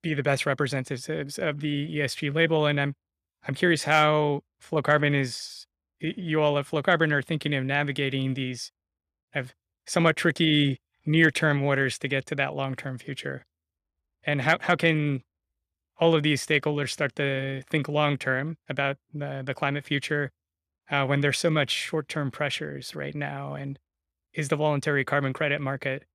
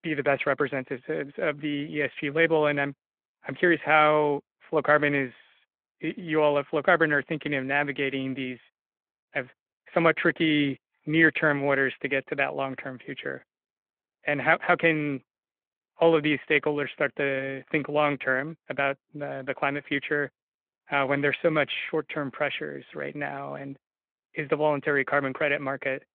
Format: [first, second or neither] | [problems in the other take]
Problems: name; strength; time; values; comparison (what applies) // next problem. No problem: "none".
first | phone-call audio